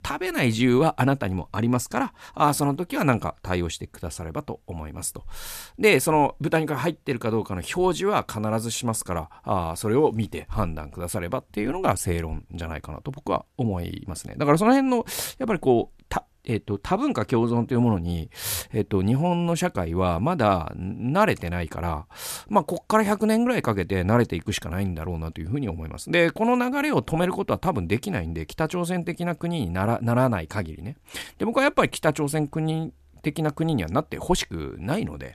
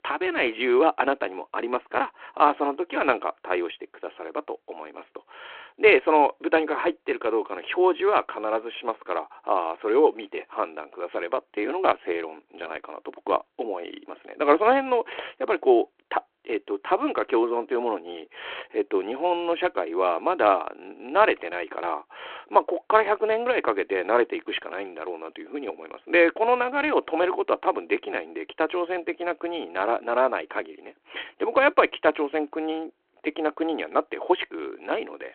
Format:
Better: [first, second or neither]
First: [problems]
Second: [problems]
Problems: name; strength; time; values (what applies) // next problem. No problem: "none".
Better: first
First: none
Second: phone-call audio